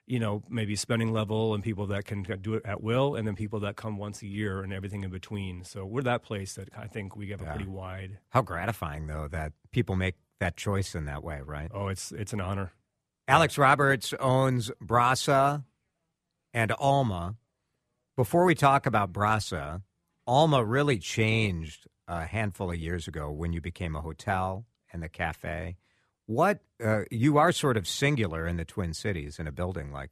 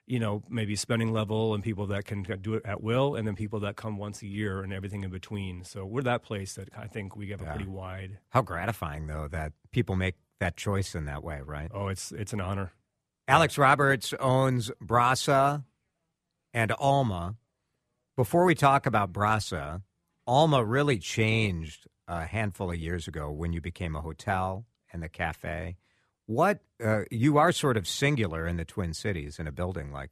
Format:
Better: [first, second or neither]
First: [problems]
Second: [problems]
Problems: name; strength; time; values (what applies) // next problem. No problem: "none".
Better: neither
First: none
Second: none